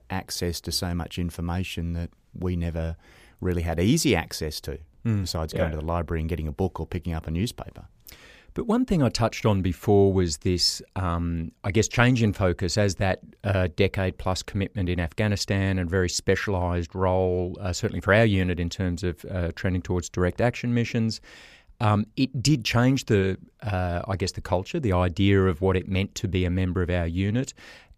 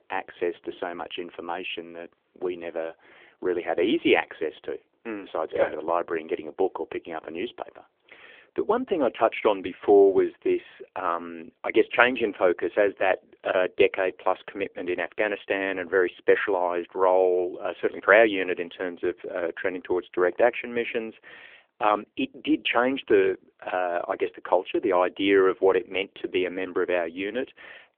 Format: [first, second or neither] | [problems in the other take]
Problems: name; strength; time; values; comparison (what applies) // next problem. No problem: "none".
first | phone-call audio; nothing above 3.5 kHz